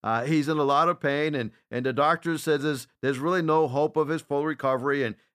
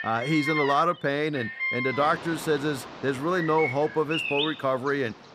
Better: first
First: none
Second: animal sounds; loud; throughout; 5 dB below the speech

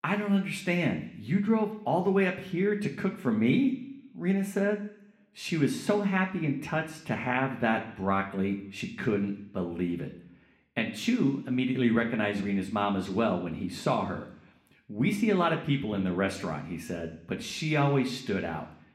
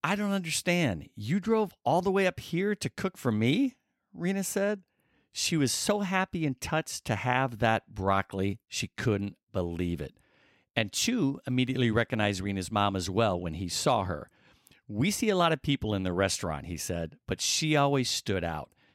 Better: second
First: room echo; slight; dies away in 0.8 s // off-mic speech; somewhat distant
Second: none

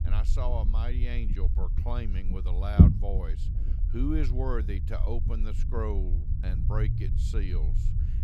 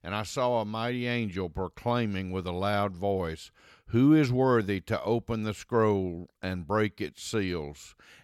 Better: second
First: low rumble; loud; throughout; 2 dB below the speech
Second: none

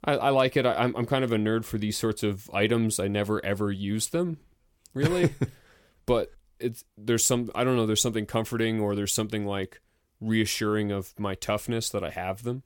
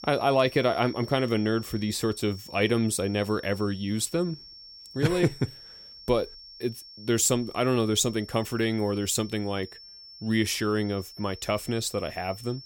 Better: first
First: none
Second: high-pitched whine; noticeable; throughout; 5.5 kHz, 15 dB below the speech

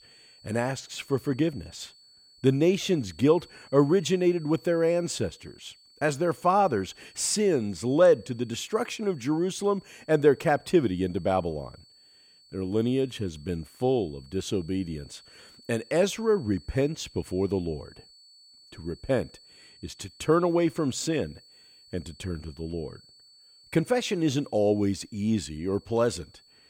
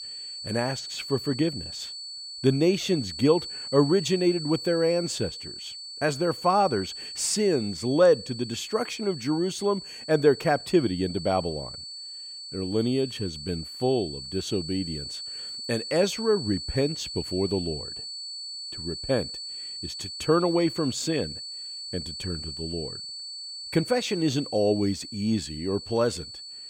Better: first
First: high-pitched whine; faint; throughout; 4.5 kHz, 25 dB below the speech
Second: high-pitched whine; loud; throughout; 4.5 kHz, 9 dB below the speech

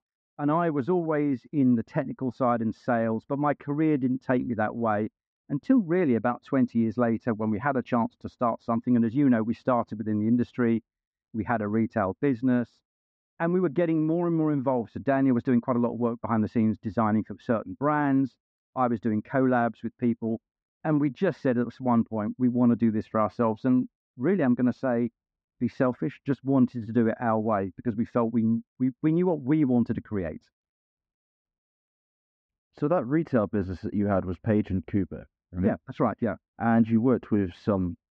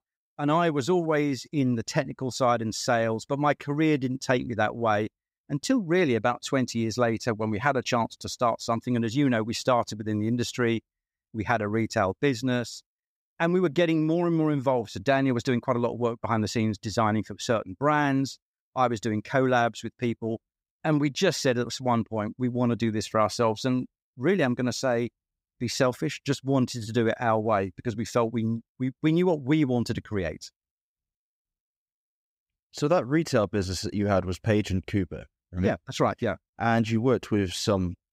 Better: second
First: muffled; very; fading above 1.5 kHz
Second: none

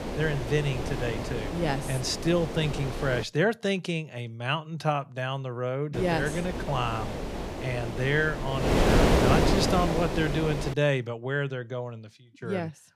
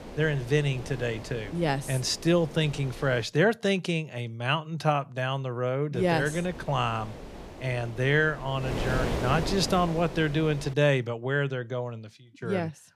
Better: second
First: wind noise on the microphone; heavy; until 3 s and from 6 to 11 s; 1 dB below the speech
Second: wind noise on the microphone; occasional gusts; until 3 s and from 6 to 11 s; 10 dB below the speech

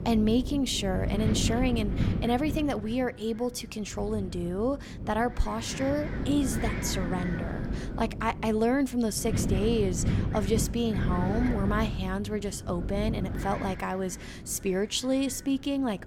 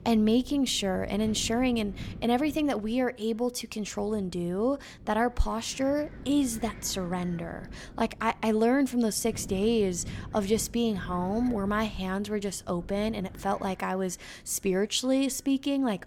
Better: second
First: wind noise on the microphone; heavy; 8 dB below the speech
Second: wind noise on the microphone; occasional gusts; 20 dB below the speech

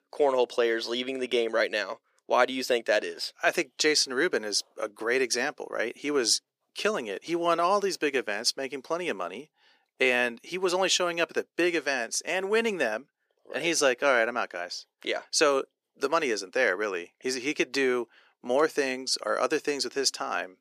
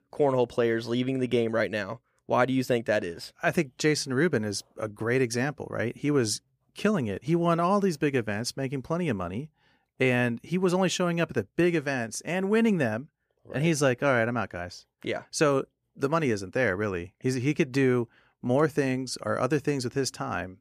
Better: second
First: thin; somewhat; fading below 350 Hz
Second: none

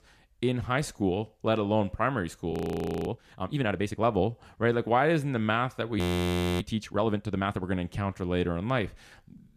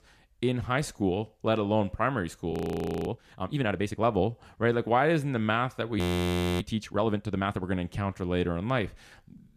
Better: neither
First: audio freezing; at 2.5 s for 0.5 s and at 6 s for 0.5 s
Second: audio freezing; at 2.5 s for 0.5 s and at 6 s for 0.5 s

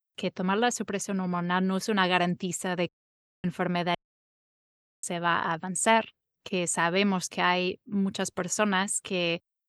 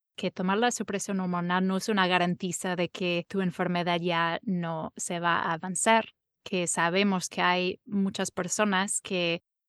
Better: second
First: audio cutting out; at 3 s for 0.5 s and at 4 s for 1 s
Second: none

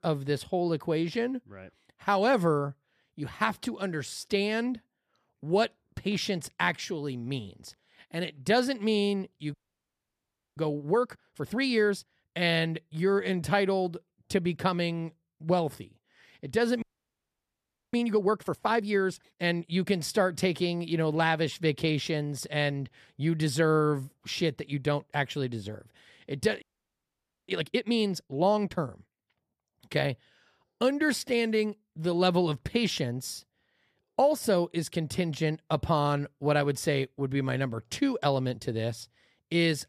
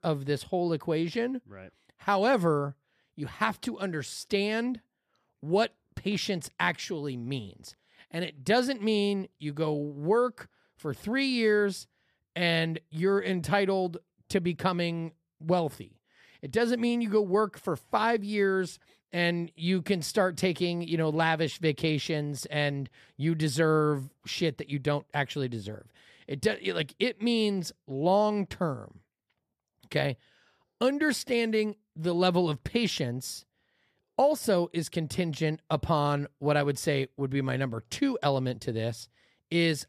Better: second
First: audio freezing; at 9.5 s for 1 s, at 17 s for 1 s and at 27 s for 1 s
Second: none

